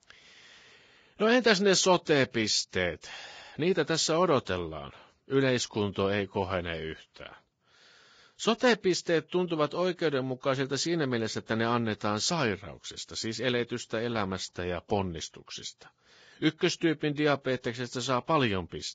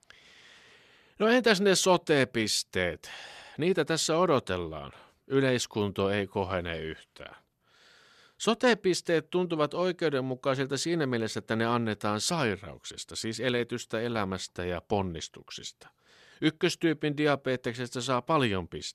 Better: second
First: garbled, watery; badly; nothing above 7.5 kHz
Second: none

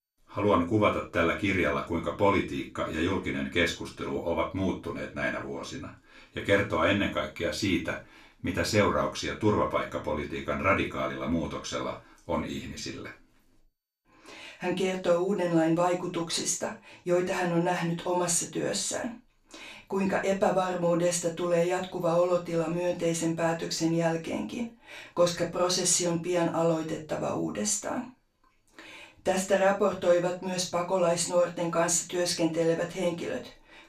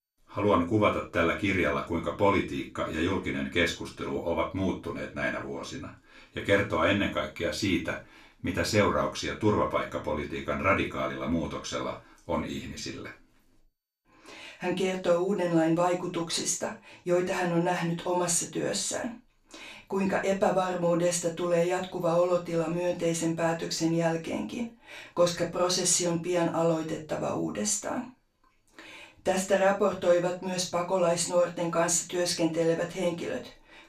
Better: neither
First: room echo; slight; dies away in 0.2 s // off-mic speech; far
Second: room echo; slight; dies away in 0.2 s // off-mic speech; far

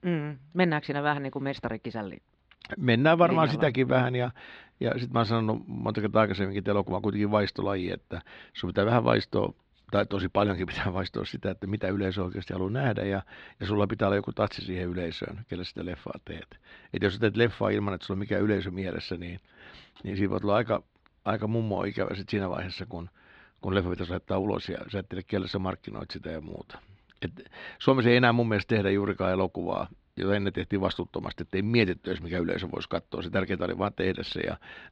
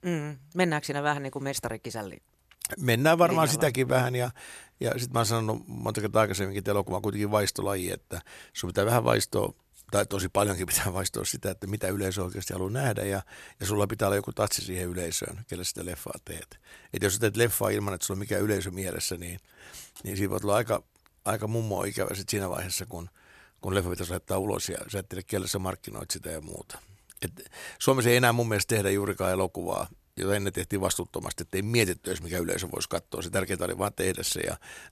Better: second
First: muffled; slightly; fading above 4 kHz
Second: none

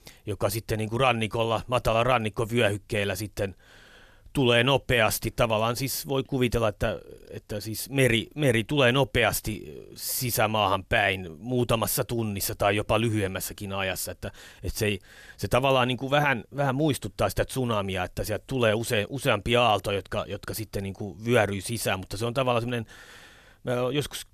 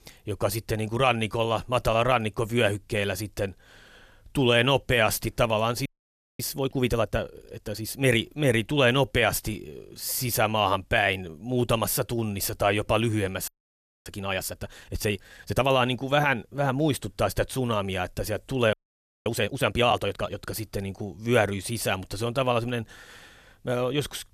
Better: first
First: none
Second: audio freezing; at 6 s for 0.5 s, at 13 s for 0.5 s and at 19 s for 0.5 s

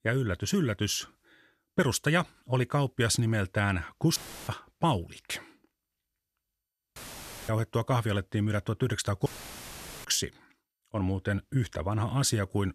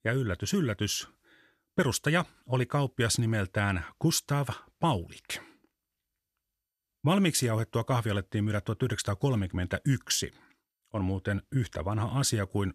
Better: second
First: audio cutting out; filled with static; at 4 s, at 7 s for 0.5 s and at 9.5 s for 1 s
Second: none

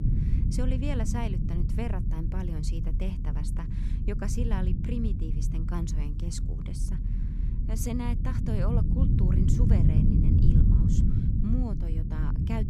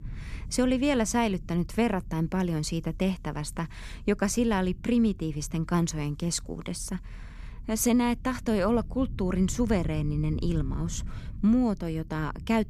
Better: second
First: low rumble; loud; throughout; as loud as the speech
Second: low rumble; faint; throughout; 25 dB below the speech

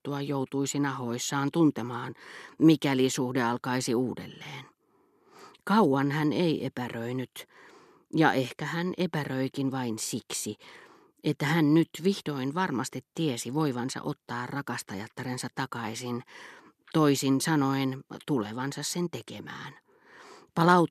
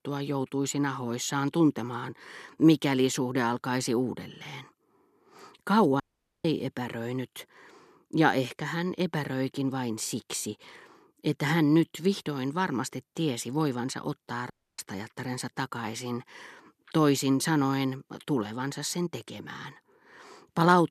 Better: first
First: none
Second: audio cutting out; at 6 s and at 15 s

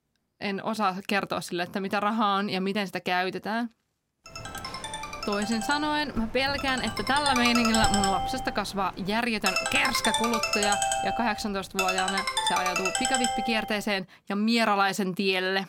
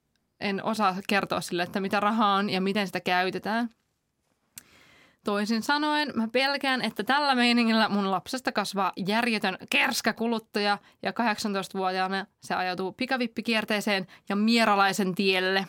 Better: second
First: phone ringing; loud; from 4.5 to 14 s; peak 2 dB above the speech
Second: none

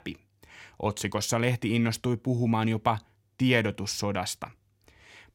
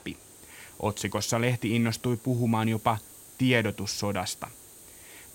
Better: first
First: none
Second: hiss; noticeable; throughout; 20 dB below the speech

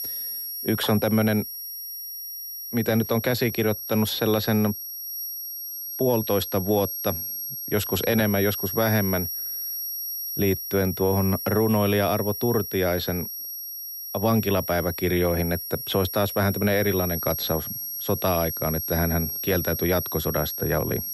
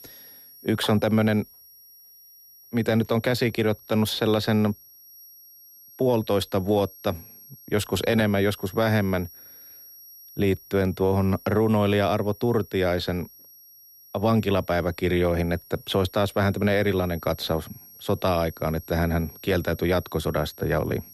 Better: second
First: high-pitched whine; loud; throughout; 11.5 kHz, 5 dB below the speech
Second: high-pitched whine; faint; throughout; 11.5 kHz, 20 dB below the speech

